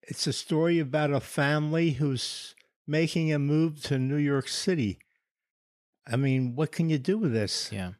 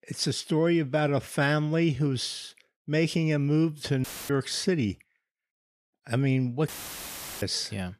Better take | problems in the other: first | audio cutting out; filled with static; at 4 s and at 6.5 s for 0.5 s

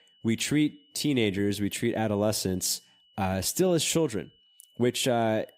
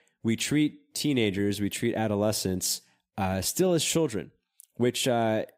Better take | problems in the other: second | high-pitched whine; faint; throughout; 3 kHz, 35 dB below the speech

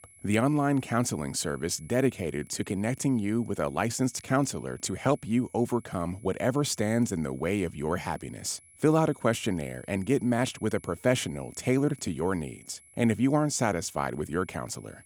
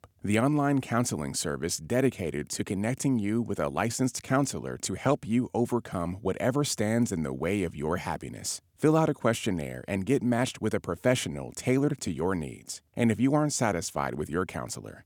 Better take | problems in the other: second | high-pitched whine; faint; throughout; 11 kHz, 25 dB below the speech

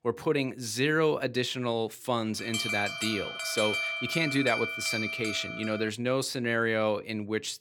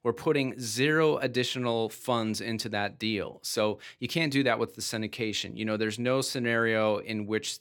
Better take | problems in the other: second | alarm; loud; from 2.5 to 6 s; peak 1 dB above the speech

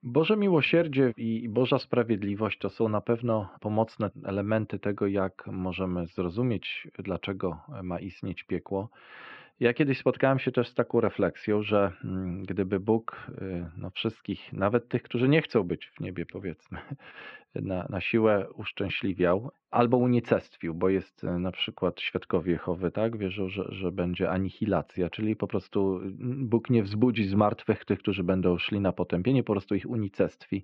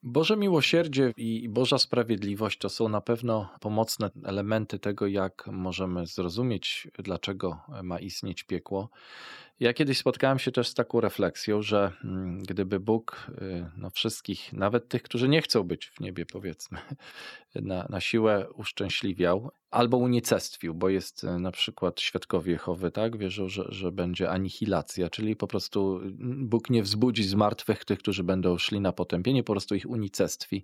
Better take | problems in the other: second | muffled; very; fading above 2.5 kHz

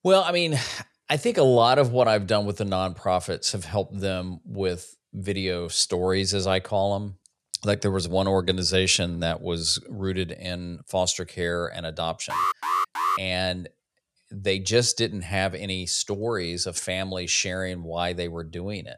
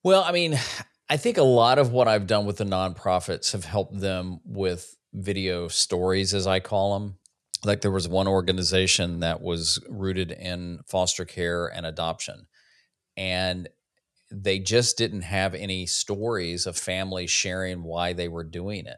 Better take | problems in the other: second | alarm; loud; at 12 s; peak 1 dB above the speech

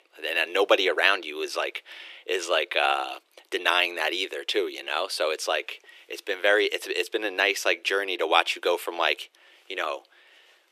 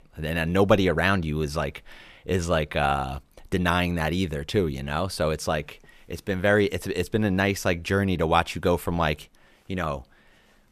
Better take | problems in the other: second | thin; very; fading below 350 Hz

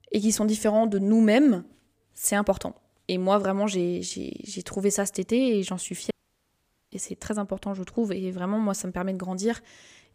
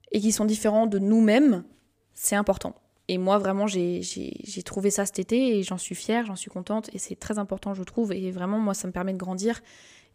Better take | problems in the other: second | audio cutting out; at 6 s for 1 s

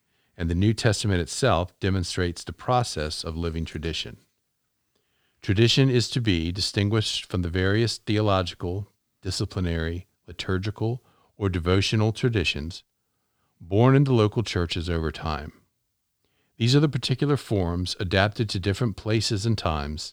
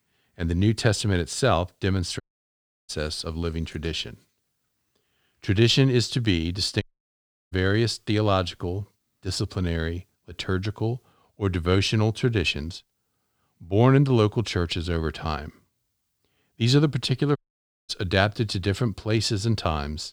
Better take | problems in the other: first | audio cutting out; at 2 s for 0.5 s, at 7 s for 0.5 s and at 17 s for 0.5 s

